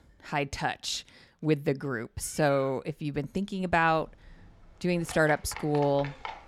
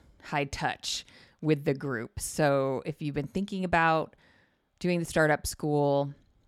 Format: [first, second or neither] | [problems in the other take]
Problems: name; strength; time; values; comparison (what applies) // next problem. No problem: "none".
second | animal sounds; noticeable; throughout; 15 dB below the speech